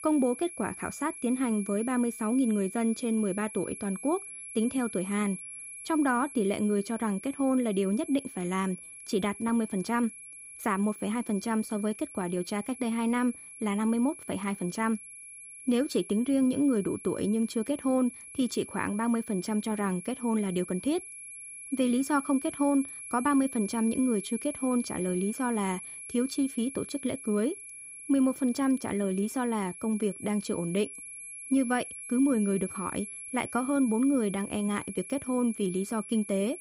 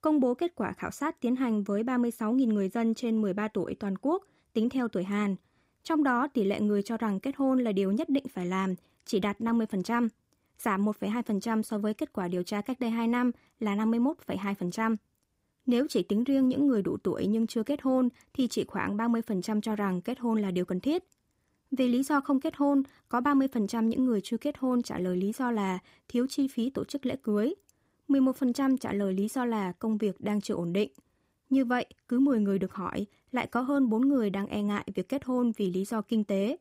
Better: second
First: high-pitched whine; noticeable; throughout; 11 kHz, 10 dB below the speech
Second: none

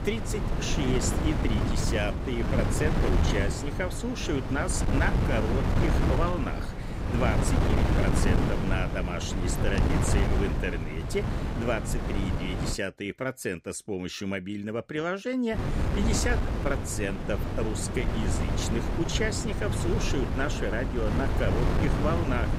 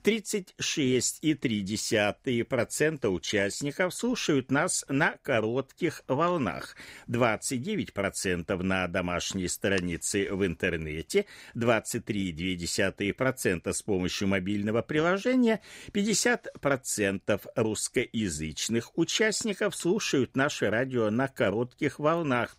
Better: second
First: wind noise on the microphone; heavy; until 13 s and from 16 s on; 2 dB below the speech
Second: none

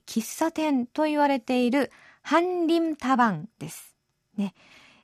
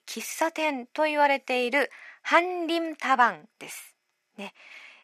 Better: first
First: none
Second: thin; somewhat; fading below 500 Hz

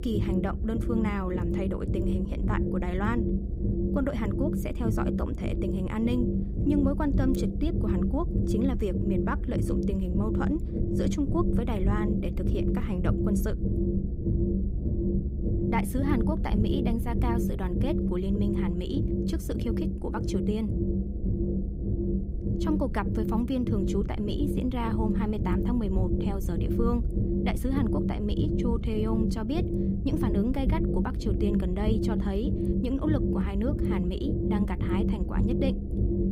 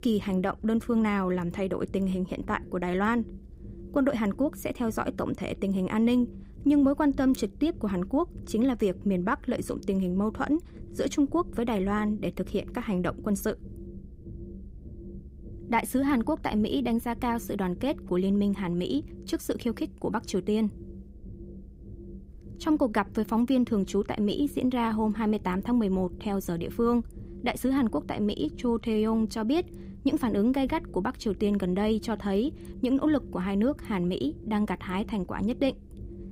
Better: second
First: low rumble; loud; throughout; 2 dB below the speech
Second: low rumble; faint; throughout; 20 dB below the speech

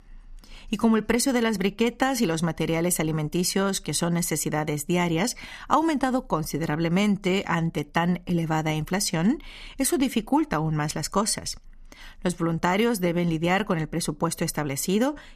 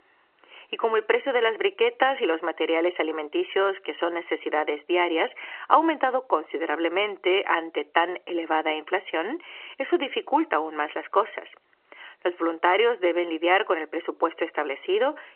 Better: first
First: none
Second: phone-call audio; nothing above 3 kHz

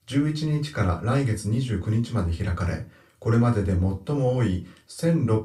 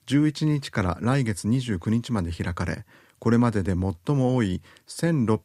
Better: second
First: off-mic speech; somewhat distant // room echo; very slight; dies away in 0.2 s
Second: none

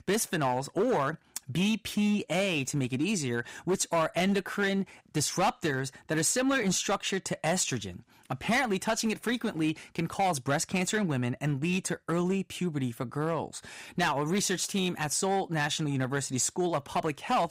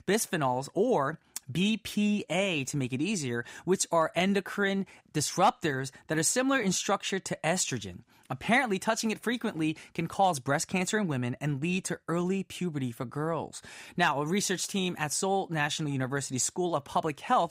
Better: second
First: distortion; slight; 7% of the sound clipped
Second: none

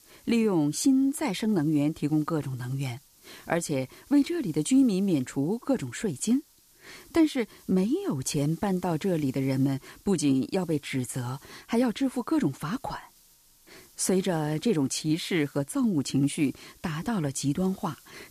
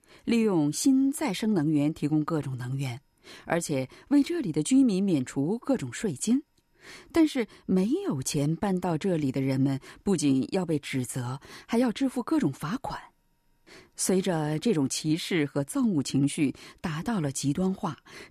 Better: second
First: hiss; faint; throughout; 25 dB below the speech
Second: none

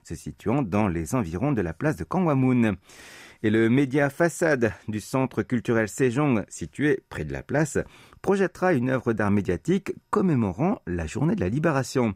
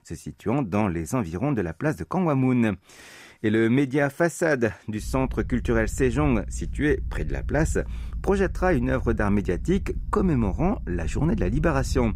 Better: first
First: none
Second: low rumble; faint; from 5 s on; 25 dB below the speech

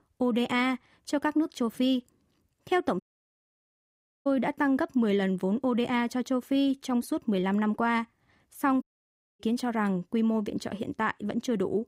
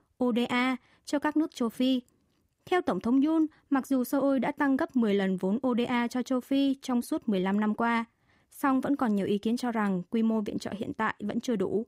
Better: second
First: audio cutting out; at 3 s for 1.5 s and at 9 s for 0.5 s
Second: none

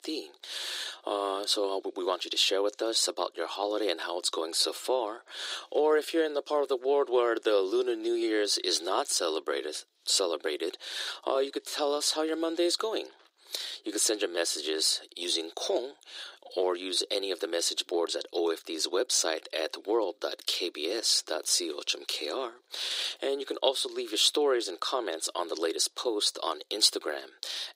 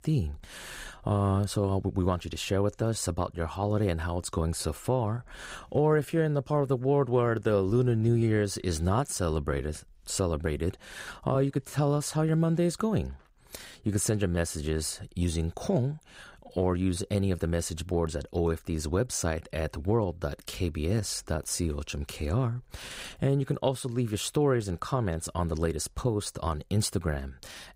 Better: second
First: thin; very; fading below 350 Hz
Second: none

